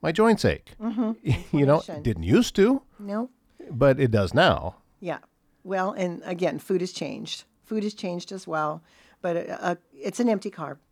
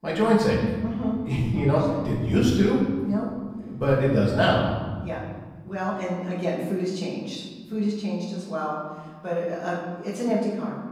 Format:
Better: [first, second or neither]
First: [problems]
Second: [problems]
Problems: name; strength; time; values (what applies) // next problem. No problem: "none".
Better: first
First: none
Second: off-mic speech; far // room echo; noticeable; dies away in 1.7 s